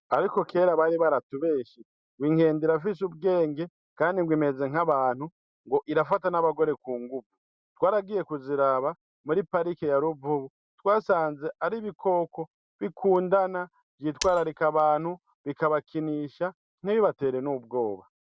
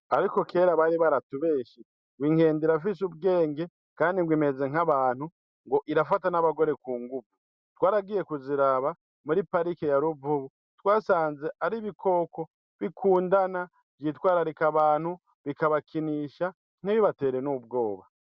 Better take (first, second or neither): second